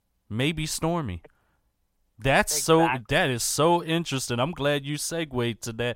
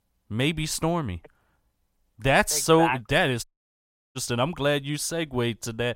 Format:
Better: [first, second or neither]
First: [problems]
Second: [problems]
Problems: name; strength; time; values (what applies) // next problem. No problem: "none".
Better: first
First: none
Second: audio cutting out; at 3.5 s for 0.5 s